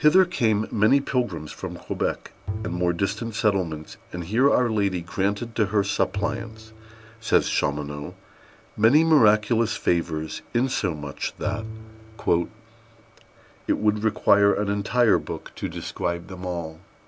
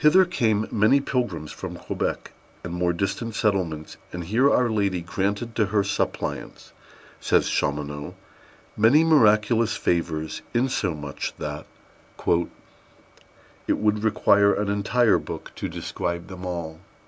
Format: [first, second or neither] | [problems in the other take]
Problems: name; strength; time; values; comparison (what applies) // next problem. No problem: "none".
second | background sound (Bowed string instrument); 13 dB below the speech